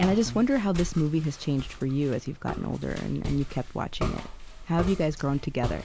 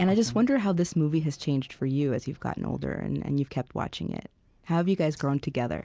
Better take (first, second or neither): second